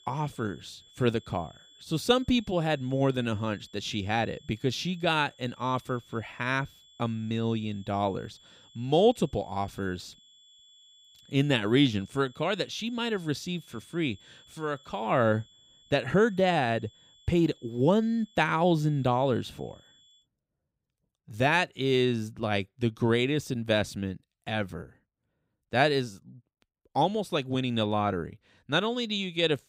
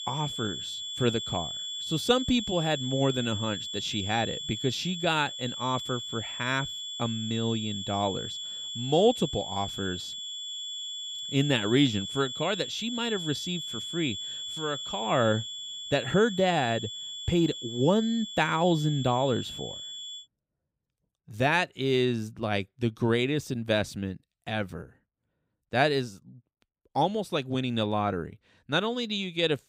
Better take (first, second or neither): first